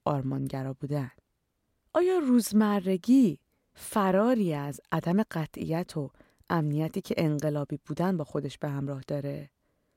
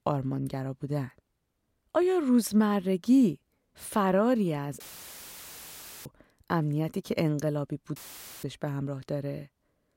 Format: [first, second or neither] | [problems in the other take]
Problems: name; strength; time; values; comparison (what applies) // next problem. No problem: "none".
first | audio cutting out; filled with static; at 5 s for 1.5 s and at 8 s